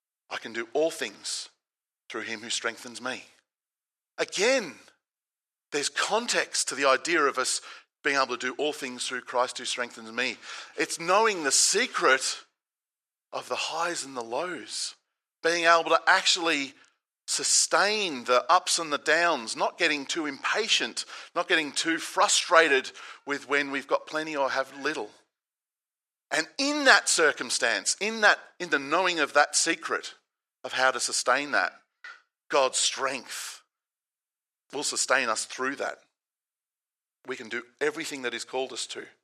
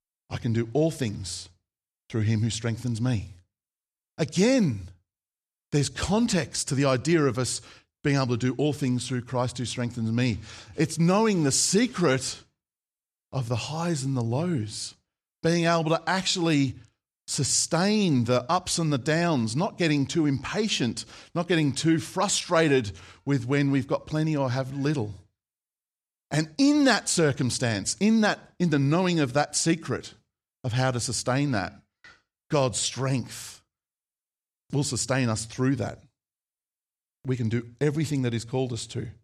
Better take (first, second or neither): second